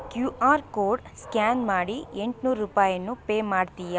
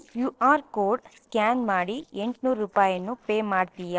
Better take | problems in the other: first | noise reduction (neural separator model SepFormer DNS4)

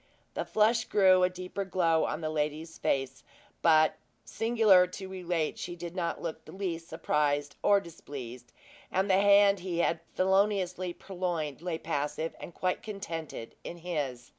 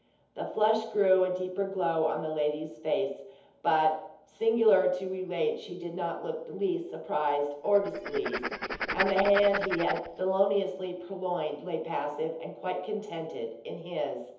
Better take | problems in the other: first | background sound (Writing); 6 dB below the speech // room echo; dies away in 0.8 s

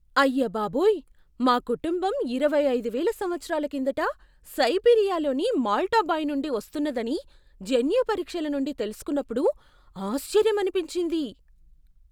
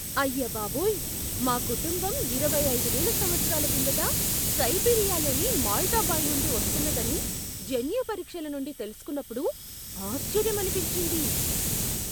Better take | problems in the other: first | background sound (Hiss); 2 dB above the speech

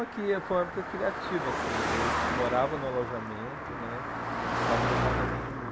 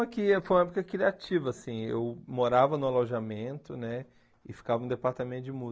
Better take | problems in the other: second | background sound (Car passing by); 2 dB above the speech

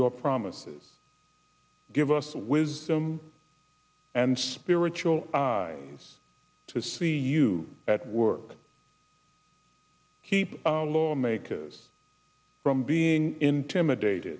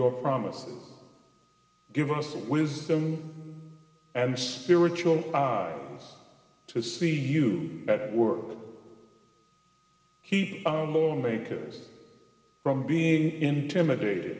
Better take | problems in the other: first | room echo; dies away in 1.7 s

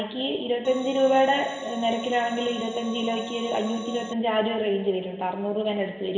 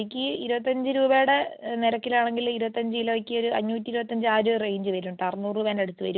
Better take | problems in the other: second | background sound (Organ); 14 dB below the speech // room echo; dies away in 2.1 s

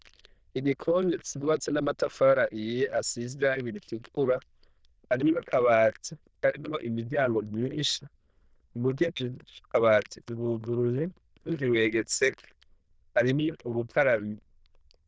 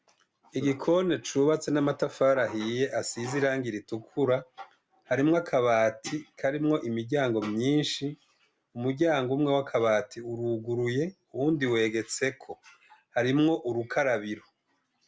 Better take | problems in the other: second | noise reduction (neural diffusion model UNIVERSE++)

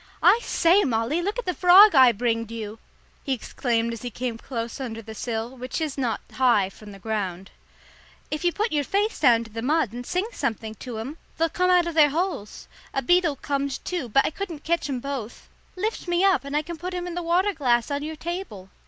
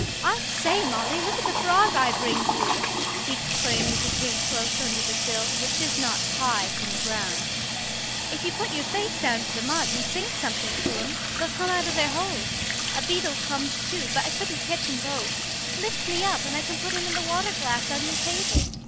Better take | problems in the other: first | background sound (Sink (filling or washing) / Water tap, faucet); 3 dB above the speech

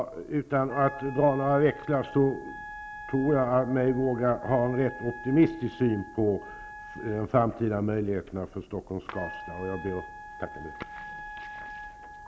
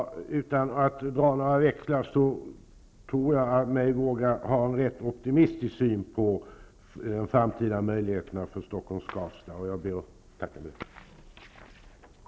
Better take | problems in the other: second | background sound (Wind instrument, woodwind instrument); 15 dB below the speech

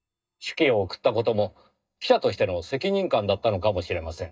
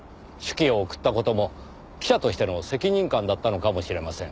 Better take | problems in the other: second | noise reduction (neural mask model DeepFilterNet 3)

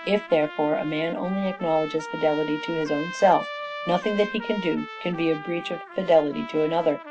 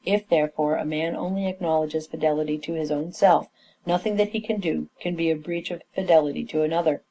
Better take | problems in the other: second | background sound (Trumpet); 12 dB below the speech

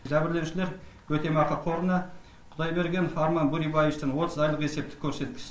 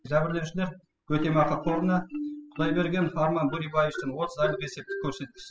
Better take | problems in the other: first | noise reduction (classical method spectral subtraction)

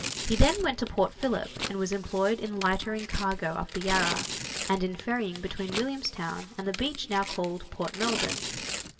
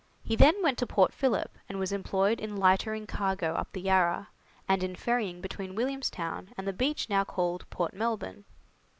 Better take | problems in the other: second | background sound (Tearing); 8 dB below the speech // room echo; dies away in 1.5 s

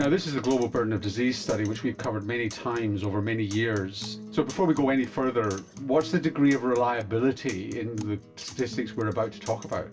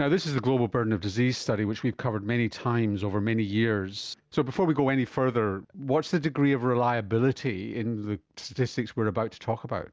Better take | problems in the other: second | background sound (Acoustic guitar); 16 dB below the speech // room echo; dies away in 0.2 s

